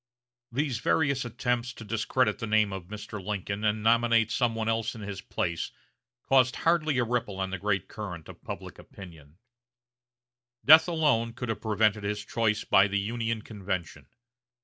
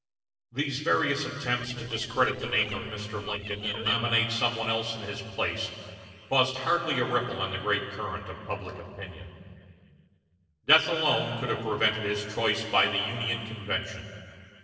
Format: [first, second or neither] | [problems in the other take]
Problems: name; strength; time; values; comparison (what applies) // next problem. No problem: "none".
first | noise reduction (neural separator model SepFormer DNS4)